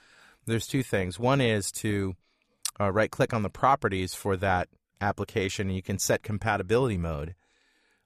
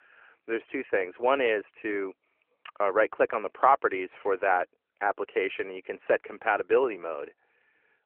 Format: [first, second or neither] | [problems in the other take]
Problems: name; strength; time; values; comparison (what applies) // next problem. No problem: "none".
first | phone-call audio